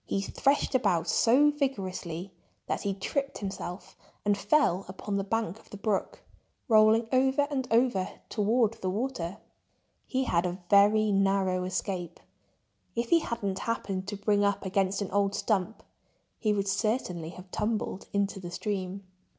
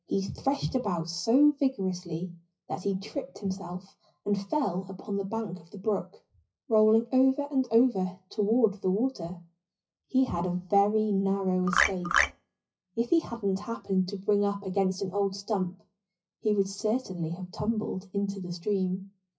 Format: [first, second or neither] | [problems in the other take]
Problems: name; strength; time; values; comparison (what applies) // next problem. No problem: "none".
first | noise reduction (classical method WPE with log-MMSE)